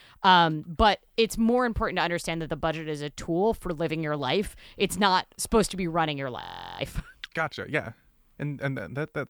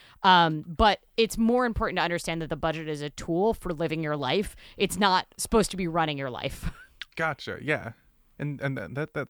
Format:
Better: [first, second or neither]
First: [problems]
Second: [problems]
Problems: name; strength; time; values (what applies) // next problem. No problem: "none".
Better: second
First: audio freezing; at 6.5 s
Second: none